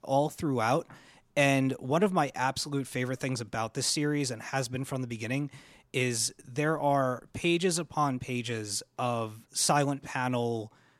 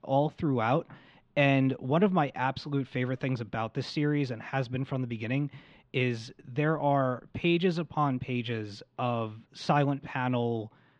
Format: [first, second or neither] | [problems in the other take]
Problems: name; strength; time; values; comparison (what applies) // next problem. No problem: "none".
first | muffled; slightly; fading above 3.5 kHz